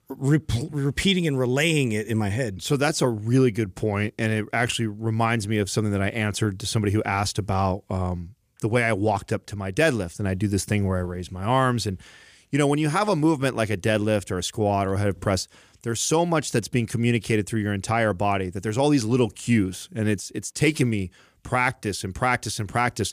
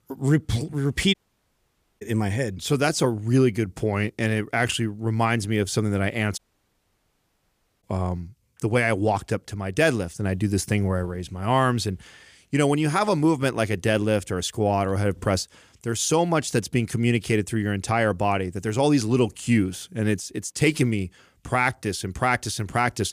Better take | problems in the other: first | audio cutting out; at 1 s for 1 s and at 6.5 s for 1.5 s

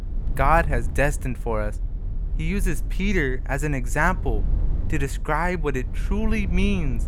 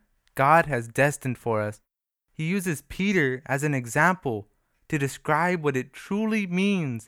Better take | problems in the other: second | low rumble; faint; throughout; 20 dB below the speech

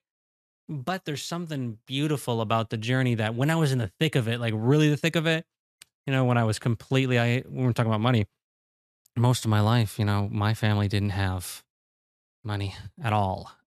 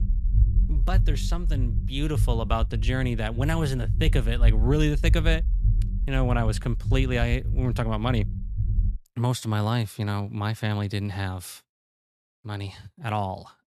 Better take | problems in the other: first | low rumble; noticeable; until 9 s; 15 dB below the speech

